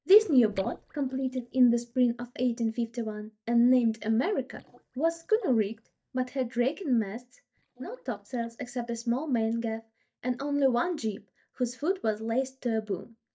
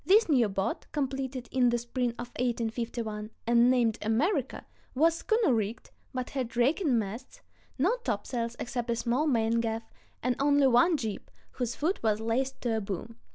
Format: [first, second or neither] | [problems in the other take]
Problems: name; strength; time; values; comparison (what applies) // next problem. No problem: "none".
second | noise reduction (neural mask model DeepFilterNet 3)